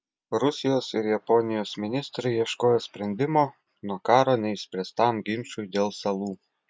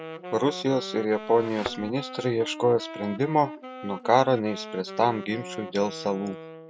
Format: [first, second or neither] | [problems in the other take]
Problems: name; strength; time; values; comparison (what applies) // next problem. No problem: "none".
first | background sound (Wind instrument, woodwind instrument + Thump, thud); 13 dB below the speech